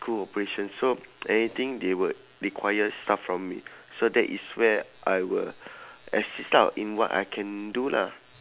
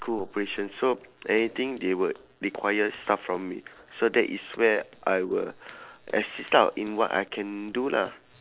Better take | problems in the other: first | noise reduction (neural separator model SepFormer DNS4)

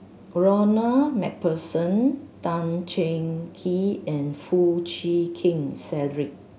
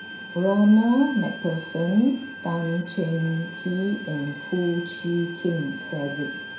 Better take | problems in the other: first | background sound (Bowed string instrument); 13 dB below the speech // room echo; dies away in 0.5 s

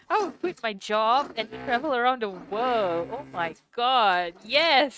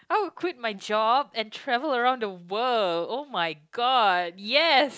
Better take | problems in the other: second | noise reduction (neural mask model RNNoise)

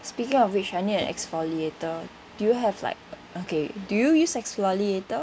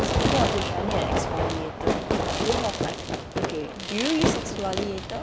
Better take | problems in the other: first | background sound (Fireworks); 4 dB above the speech

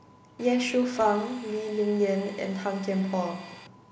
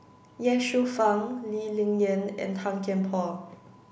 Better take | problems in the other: second | background sound (Domestic sounds, home sounds); 19 dB below the speech

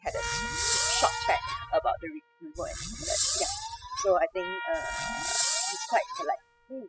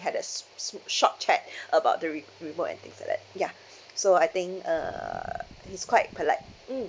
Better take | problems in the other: second | noise reduction (classical method spectral subtraction)

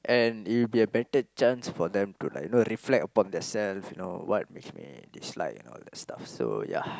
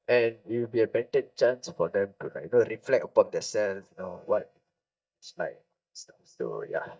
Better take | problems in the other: first | noise reduction (neural mask model DeepFilterNet 3)

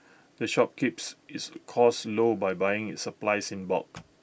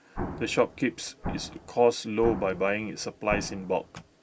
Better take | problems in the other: first | background sound (Explosion); 10 dB below the speech

